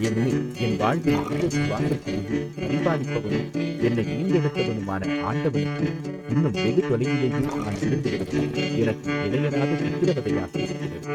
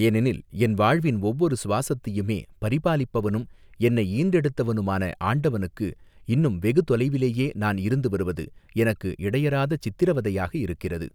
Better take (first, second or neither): second